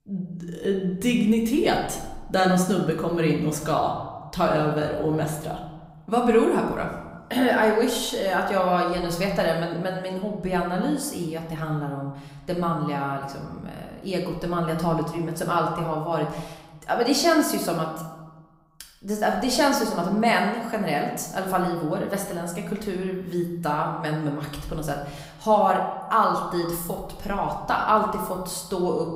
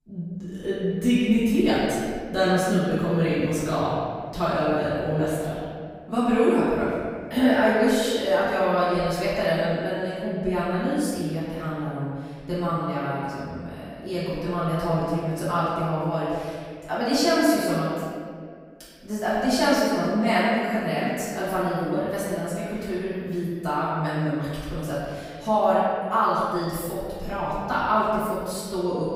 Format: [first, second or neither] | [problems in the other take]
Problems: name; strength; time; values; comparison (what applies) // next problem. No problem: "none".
first | room echo; strong; dies away in 1.8 s; slight in the first // off-mic speech; far; somewhat distant in the first